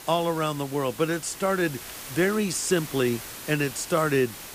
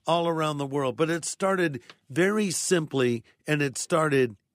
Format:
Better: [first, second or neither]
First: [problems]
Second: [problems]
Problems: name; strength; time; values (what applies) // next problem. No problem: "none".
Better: second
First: hiss; noticeable; throughout; 10 dB below the speech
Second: none